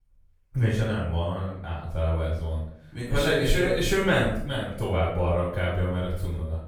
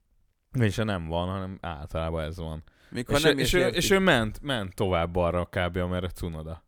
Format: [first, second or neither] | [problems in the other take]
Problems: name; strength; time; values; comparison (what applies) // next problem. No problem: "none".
second | off-mic speech; far // room echo; noticeable; dies away in 0.6 s